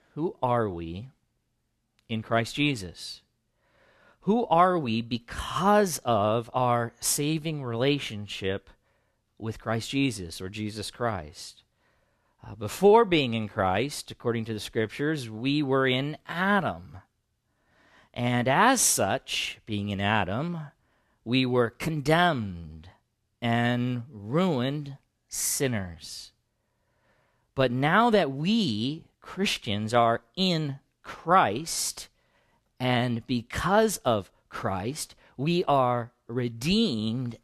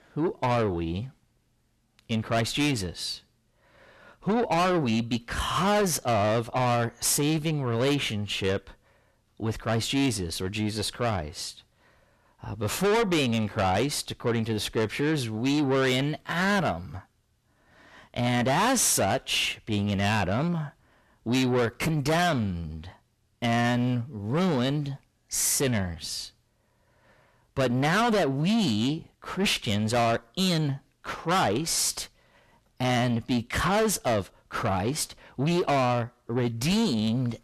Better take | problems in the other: first | distortion; heavy; 6 dB below the speech

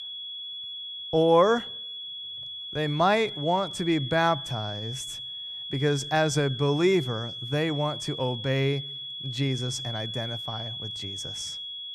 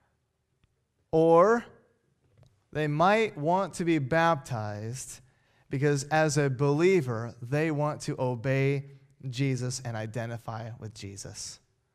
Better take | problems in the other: second | high-pitched whine; loud; throughout; 3.5 kHz, 8 dB below the speech

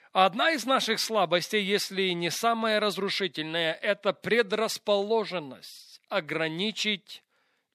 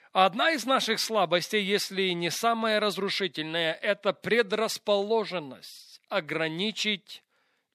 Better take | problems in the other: neither | thin; very slightly; fading below 500 Hz; the same in both

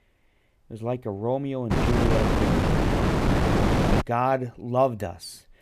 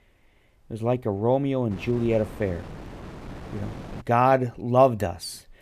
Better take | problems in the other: second | wind noise on the microphone; heavy; from 1.5 to 4 s; 1 dB above the speech; occasional gusts in the second

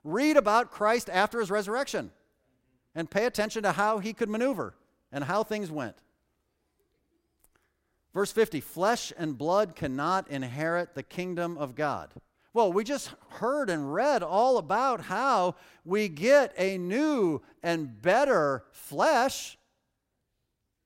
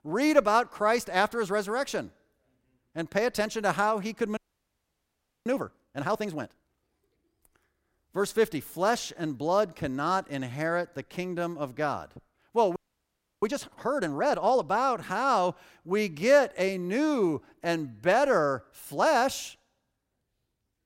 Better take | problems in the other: first | audio freezing; at 4.5 s for 1 s and at 13 s for 0.5 s

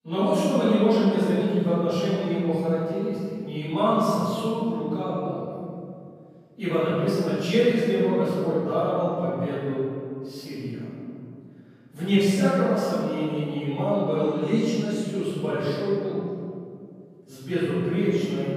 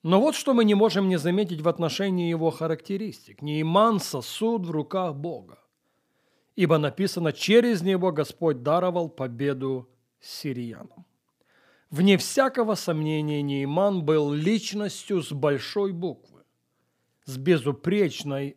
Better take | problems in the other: second | off-mic speech; far // room echo; strong; dies away in 2.3 s

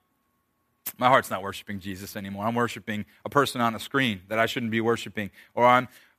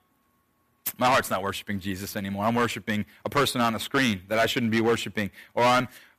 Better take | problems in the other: first | distortion; heavy; 5% of the sound clipped

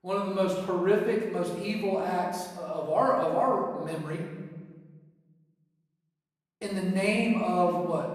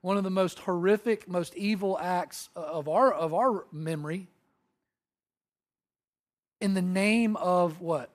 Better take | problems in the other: second | room echo; noticeable; dies away in 1.3 s // off-mic speech; far

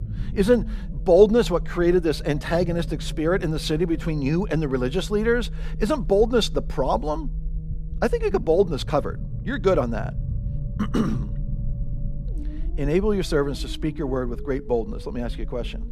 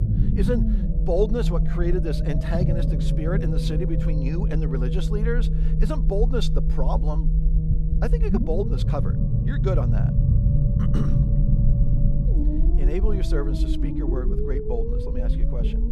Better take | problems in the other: first | low rumble; loud; throughout; 3 dB below the speech; faint in the first

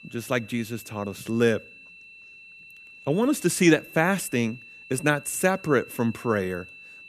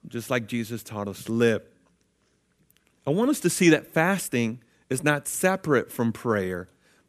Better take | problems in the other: second | high-pitched whine; noticeable; throughout; 2.5 kHz, 20 dB below the speech

